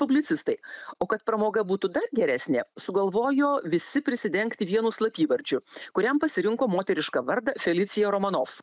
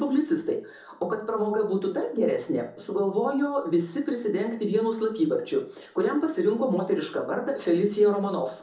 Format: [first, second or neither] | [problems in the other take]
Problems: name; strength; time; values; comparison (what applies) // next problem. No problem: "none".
first | room echo; dies away in 0.6 s